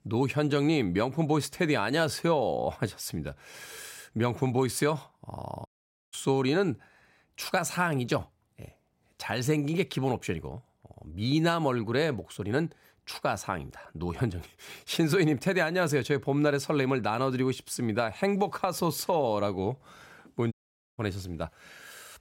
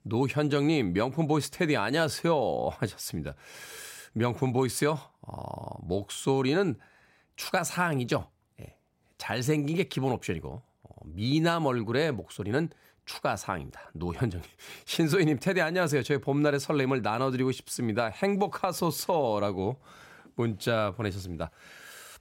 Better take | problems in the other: second | audio cutting out; at 5.5 s and at 21 s

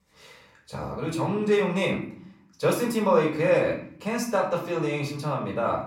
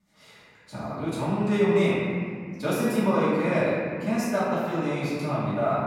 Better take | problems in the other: first | room echo; strong; dies away in 2.2 s; slight in the first // off-mic speech; far; far in the first

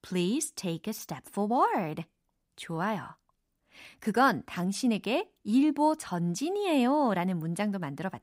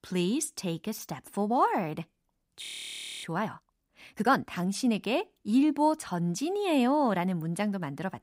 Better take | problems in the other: first | audio freezing; at 2.5 s for 0.5 s

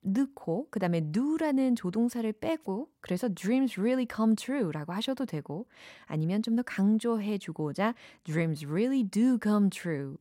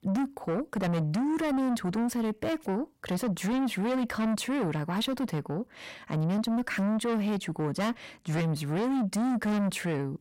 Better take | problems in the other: first | distortion; heavy; 7 dB below the speech

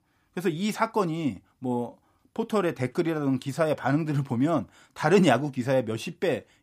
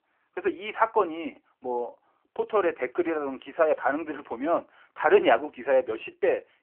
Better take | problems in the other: first | phone-call audio; nothing above 3 kHz

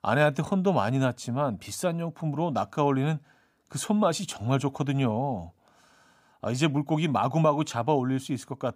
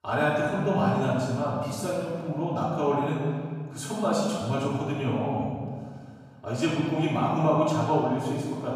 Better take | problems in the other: first | room echo; strong; dies away in 1.6 s // off-mic speech; far

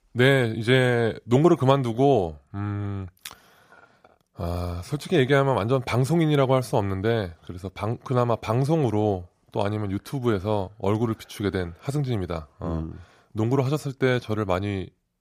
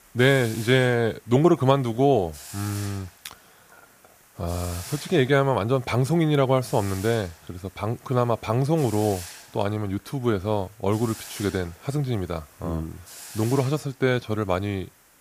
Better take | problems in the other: first | hiss; noticeable; throughout; 15 dB below the speech

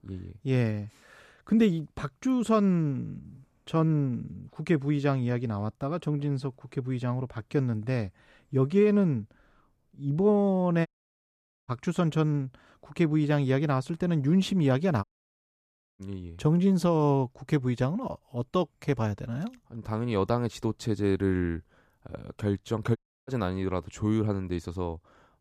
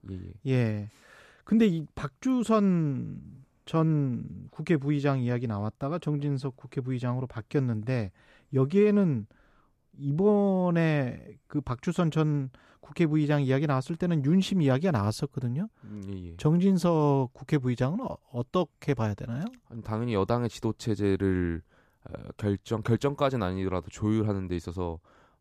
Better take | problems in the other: second | audio cutting out; at 11 s for 1 s, at 15 s for 1 s and at 23 s

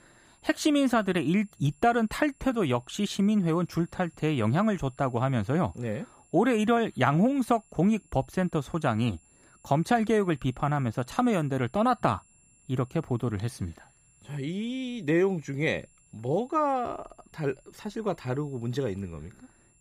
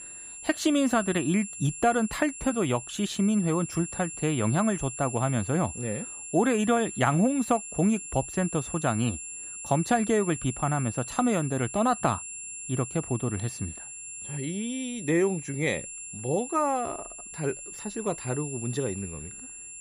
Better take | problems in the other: first | high-pitched whine; loud; throughout; 7.5 kHz, 9 dB below the speech; faint in the first

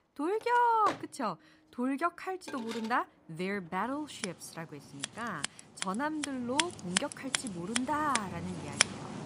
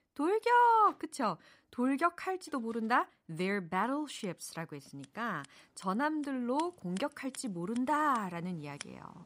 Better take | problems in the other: second | household noises; loud; throughout; 2 dB below the speech; faint in the second

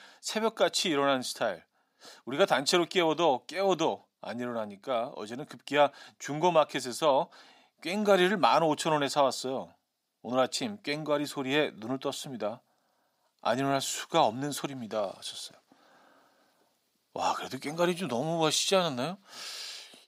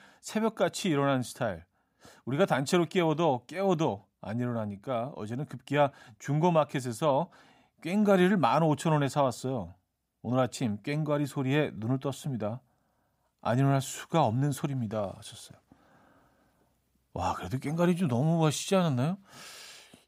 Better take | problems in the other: second | thin; somewhat; fading below 300 Hz

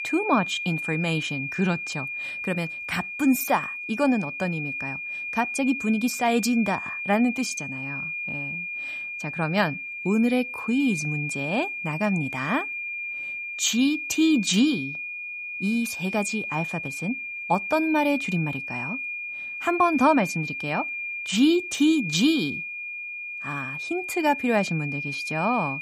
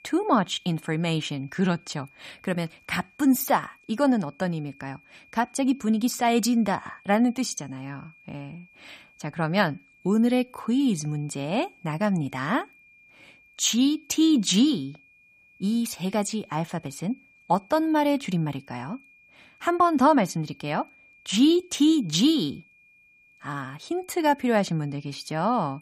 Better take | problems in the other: second | high-pitched whine; loud; throughout; 2.5 kHz, 5 dB below the speech; faint in the second

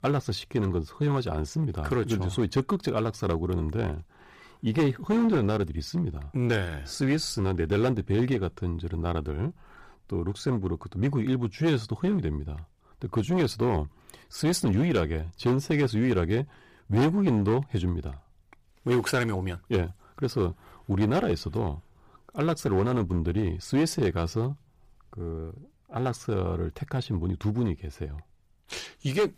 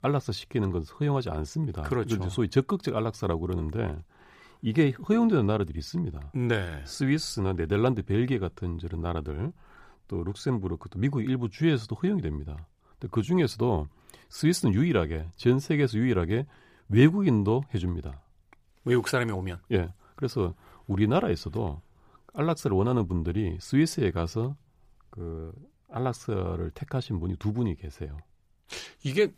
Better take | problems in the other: second | distortion; slight; 7% of the sound clipped

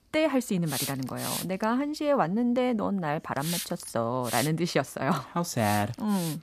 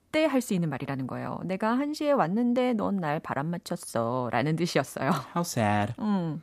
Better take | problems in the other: second | hiss; loud; throughout; 7 dB below the speech

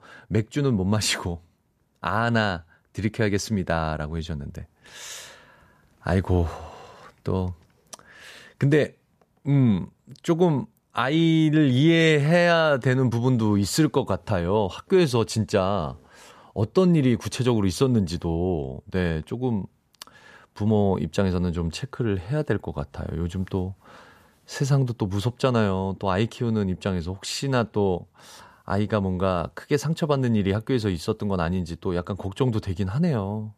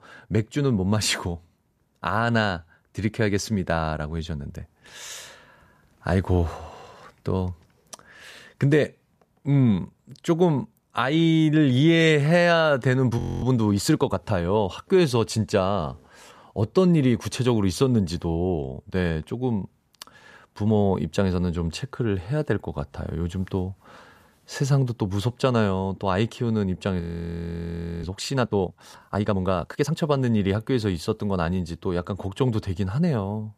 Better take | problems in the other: first | audio freezing; at 13 s and at 27 s for 1 s

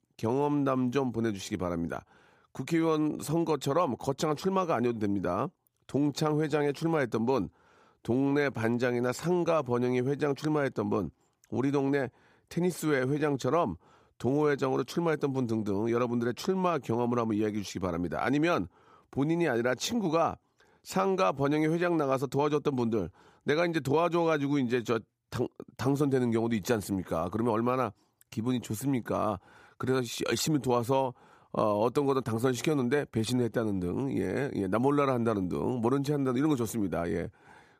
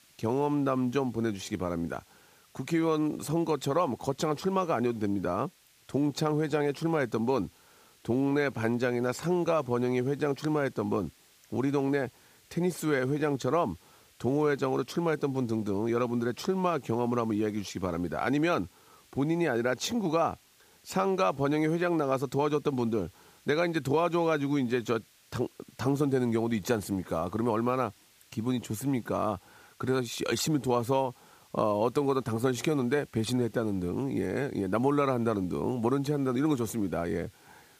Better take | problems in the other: first | hiss; faint; throughout; 30 dB below the speech

